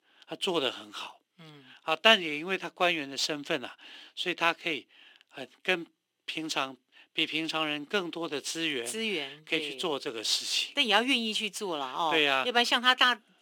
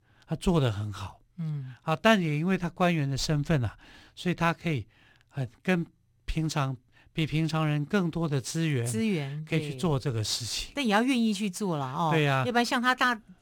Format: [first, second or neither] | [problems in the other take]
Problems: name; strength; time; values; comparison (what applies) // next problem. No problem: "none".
second | thin; somewhat; fading below 300 Hz